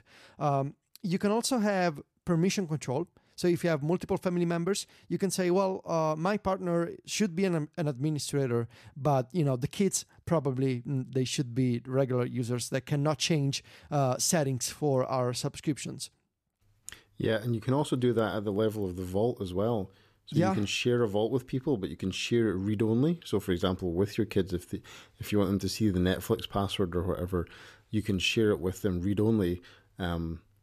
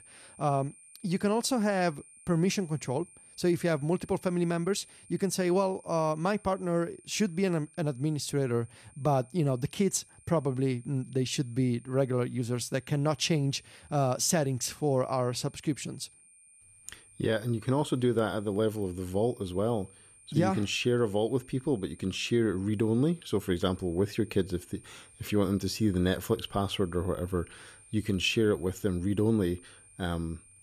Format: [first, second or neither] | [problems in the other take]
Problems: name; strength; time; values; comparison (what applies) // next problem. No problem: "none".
first | high-pitched whine; faint; throughout; 9 kHz, 25 dB below the speech